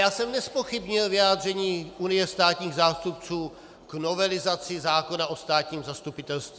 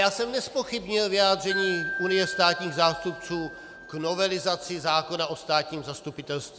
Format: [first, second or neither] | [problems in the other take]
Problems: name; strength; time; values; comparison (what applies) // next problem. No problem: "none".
first | background sound (Wind chime); 11 dB below the speech